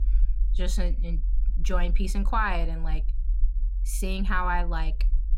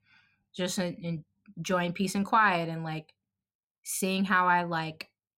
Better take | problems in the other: second | low rumble; faint; throughout; 25 dB below the speech

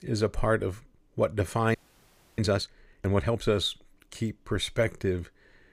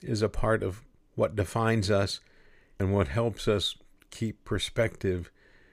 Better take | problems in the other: second | audio freezing; at 2 s for 0.5 s

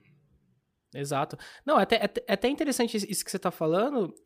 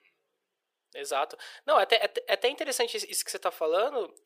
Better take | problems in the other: first | thin; very; fading below 500 Hz

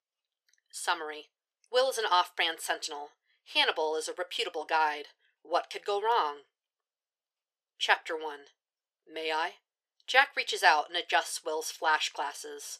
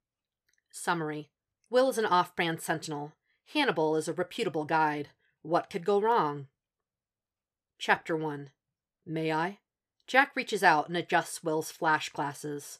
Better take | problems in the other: second | thin; very; fading below 450 Hz

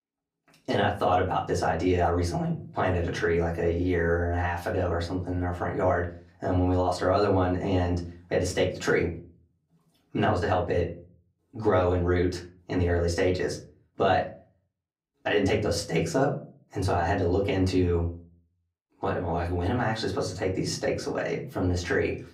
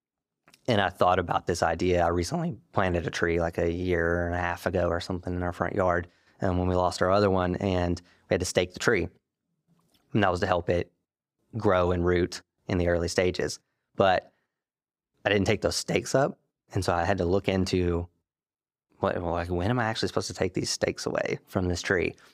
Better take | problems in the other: second | off-mic speech; far // room echo; very slight; dies away in 0.4 s

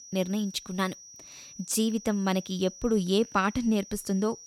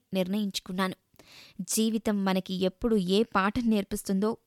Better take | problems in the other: second | high-pitched whine; noticeable; throughout; 6 kHz, 15 dB below the speech

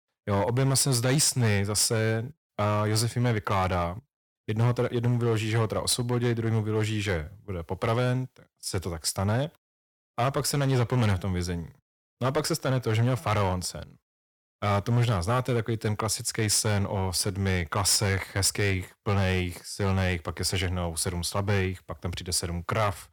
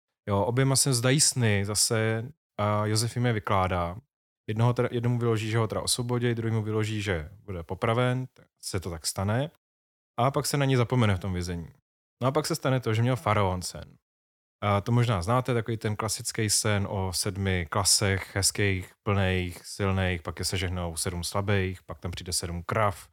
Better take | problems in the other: second | distortion; slight; 6% of the sound clipped

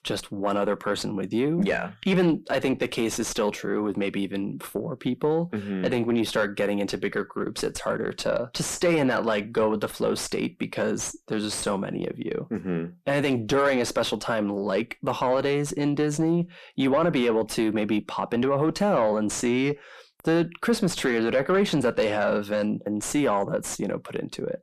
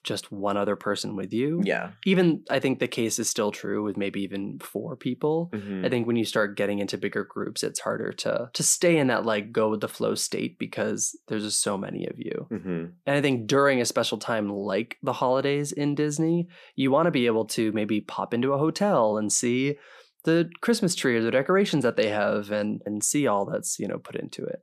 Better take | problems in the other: second | distortion; slight; 10 dB below the speech

